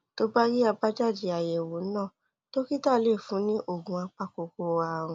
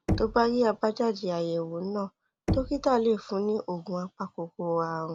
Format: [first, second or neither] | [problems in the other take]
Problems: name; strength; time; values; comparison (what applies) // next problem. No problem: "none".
first | background sound (Knock); 9 dB below the speech